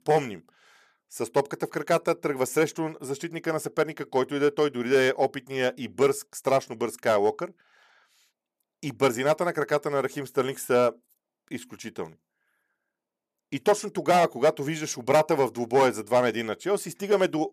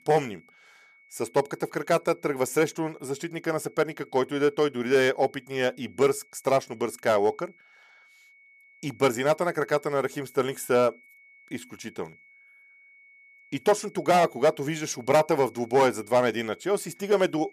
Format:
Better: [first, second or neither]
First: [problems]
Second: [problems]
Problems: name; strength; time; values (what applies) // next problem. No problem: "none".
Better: first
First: none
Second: high-pitched whine; faint; throughout; 2 kHz, 30 dB below the speech